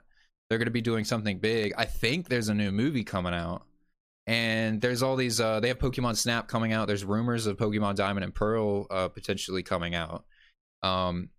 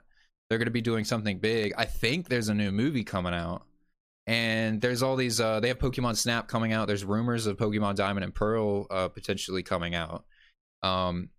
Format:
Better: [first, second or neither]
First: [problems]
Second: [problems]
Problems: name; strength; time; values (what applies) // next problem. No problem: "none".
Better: neither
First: none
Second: none